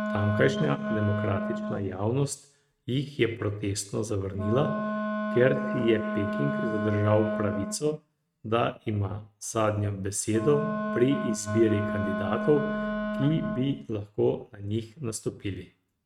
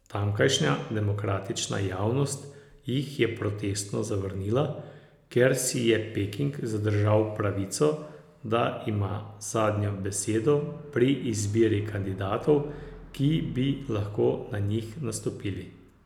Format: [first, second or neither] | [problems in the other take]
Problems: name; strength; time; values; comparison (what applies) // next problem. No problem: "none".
second | noise reduction (neural mask model RNNoise)